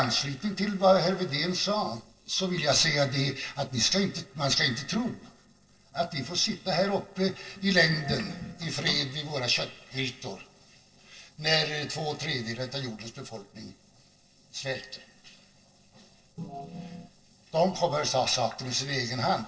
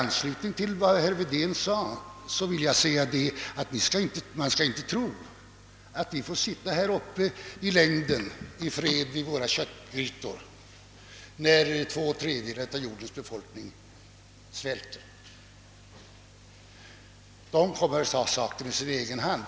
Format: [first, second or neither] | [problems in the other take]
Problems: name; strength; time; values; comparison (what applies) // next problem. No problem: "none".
second | noise reduction (neural separator model SepFormer DNS4)